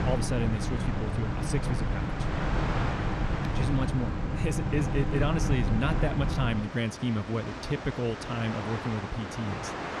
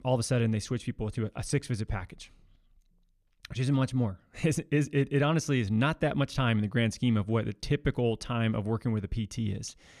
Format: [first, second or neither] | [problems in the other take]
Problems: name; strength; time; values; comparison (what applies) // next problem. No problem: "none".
second | train or aircraft noise; loud; throughout; as loud as the speech